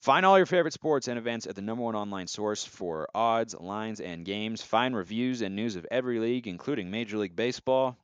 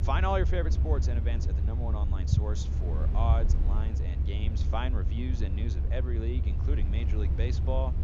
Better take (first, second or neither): first